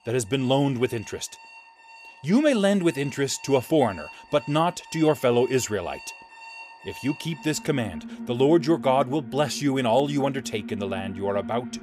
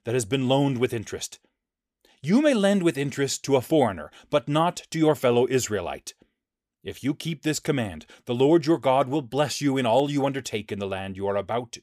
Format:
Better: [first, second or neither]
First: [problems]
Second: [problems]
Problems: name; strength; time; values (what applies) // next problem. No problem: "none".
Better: second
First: alarms or sirens; noticeable; throughout; 15 dB below the speech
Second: none